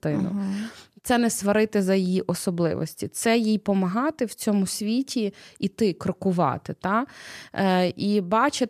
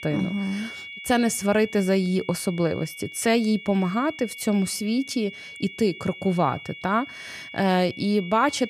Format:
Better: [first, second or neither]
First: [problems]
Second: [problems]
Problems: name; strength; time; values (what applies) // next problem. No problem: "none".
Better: first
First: none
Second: high-pitched whine; noticeable; throughout; 2 kHz, 15 dB below the speech